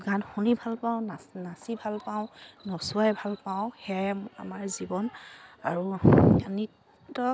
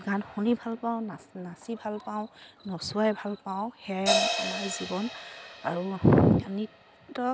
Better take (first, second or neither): first